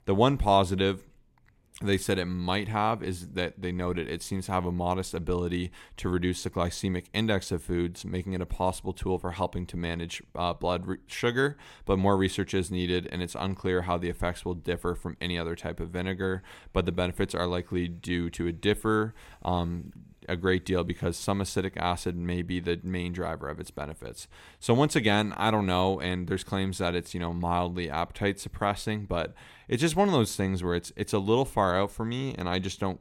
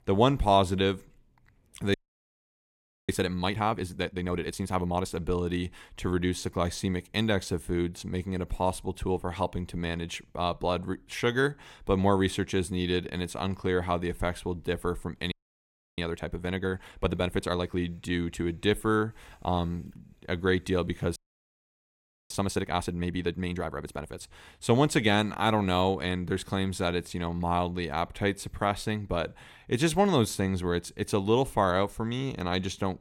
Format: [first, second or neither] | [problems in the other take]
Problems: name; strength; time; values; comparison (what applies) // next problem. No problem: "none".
first | audio freezing; at 2 s for 1 s, at 15 s for 0.5 s and at 21 s for 1 s